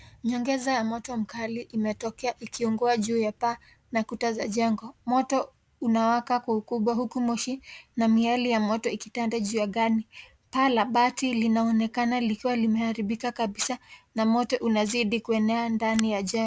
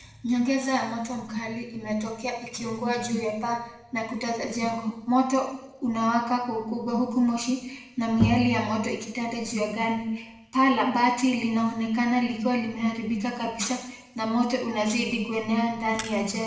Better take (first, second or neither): first